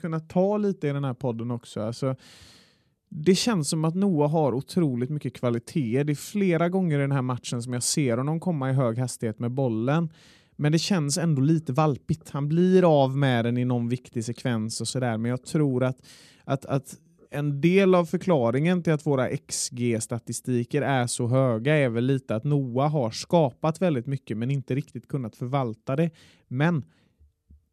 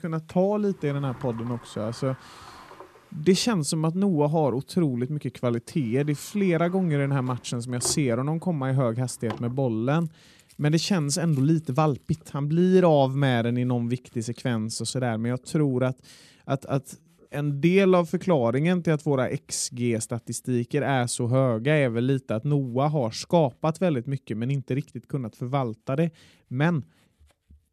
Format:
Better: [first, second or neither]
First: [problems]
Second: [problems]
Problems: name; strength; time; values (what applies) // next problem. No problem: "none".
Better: first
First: none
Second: household noises; faint; throughout; 20 dB below the speech